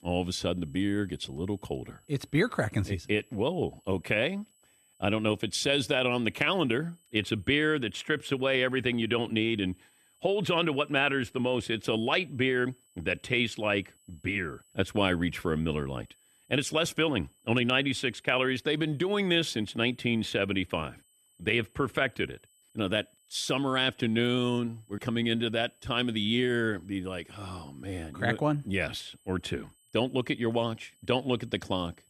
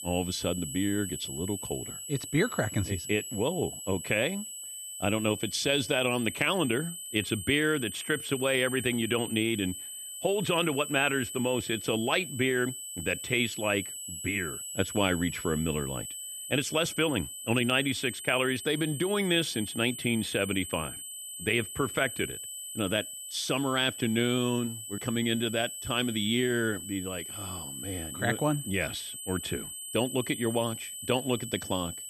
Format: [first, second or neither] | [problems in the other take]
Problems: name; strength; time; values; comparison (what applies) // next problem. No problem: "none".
first | high-pitched whine; loud; throughout; 8 kHz, 8 dB below the speech; faint in the first